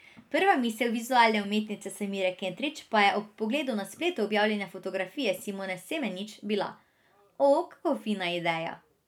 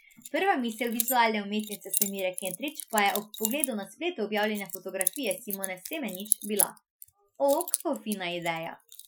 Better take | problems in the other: first | noise reduction (classical method Wiener filter)

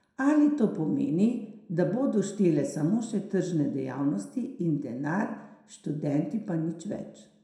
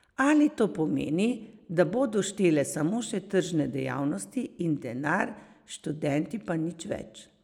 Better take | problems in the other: second | room echo; dies away in 0.6 s

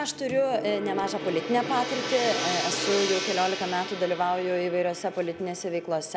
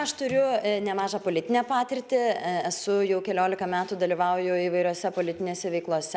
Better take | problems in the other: second | background sound (Gong); 6 dB below the speech

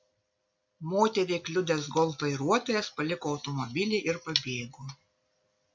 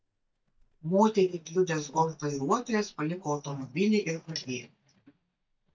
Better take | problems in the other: first | noise reduction (neural mask model DeepFilterNet 3)

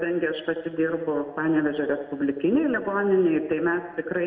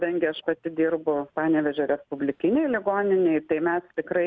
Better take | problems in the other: second | room echo; dies away in 1.8 s

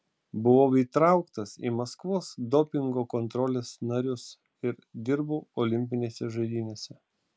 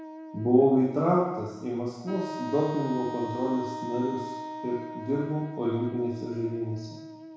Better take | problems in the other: first | background sound (Wind instrument, woodwind instrument); 11 dB below the speech // room echo; dies away in 1.1 s

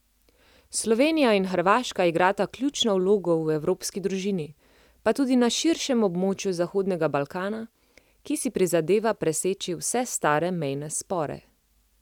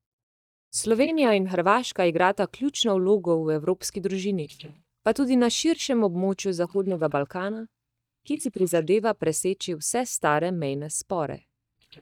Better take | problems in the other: first | noise reduction (neural mask model DeepFilterNet 3)

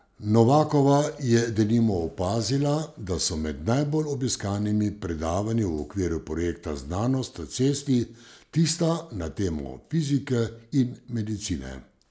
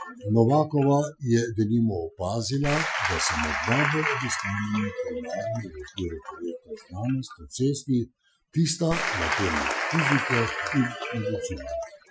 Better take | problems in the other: first | noise reduction (classical method Wiener filter)

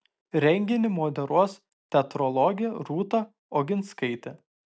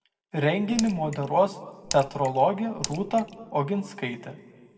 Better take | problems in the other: first | background sound (Raindrop / Splash, splatter); 13 dB below the speech // room echo; dies away in 1.2 s

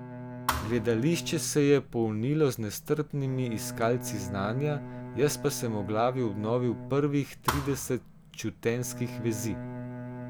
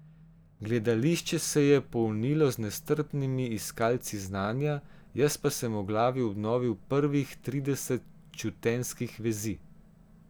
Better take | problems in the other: second | background sound (Thump, thud + Bowed string instrument); 9 dB below the speech

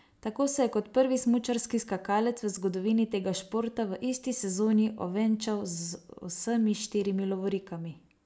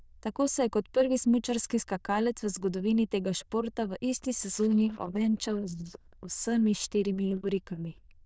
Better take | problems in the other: first | noise reduction (neural diffusion model UNIVERSE++)

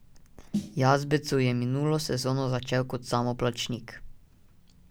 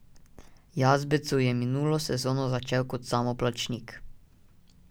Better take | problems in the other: second | background sound (Snare drum); 11 dB below the speech

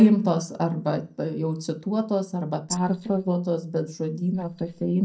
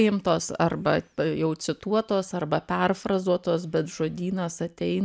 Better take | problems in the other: second | noise reduction (neural mask model DeepFilterNet 3)

